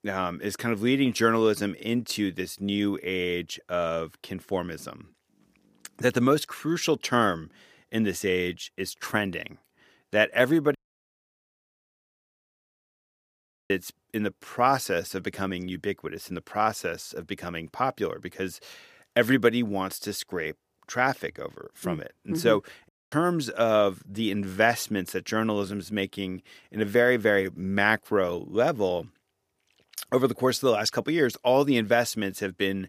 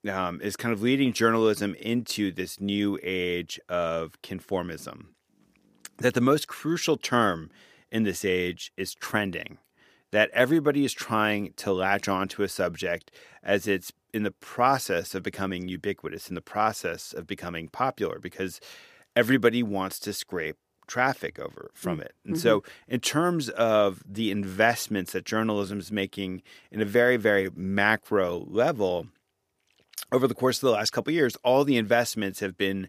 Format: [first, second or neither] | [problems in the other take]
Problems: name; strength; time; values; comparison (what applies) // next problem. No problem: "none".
second | audio cutting out; at 11 s for 3 s and at 23 s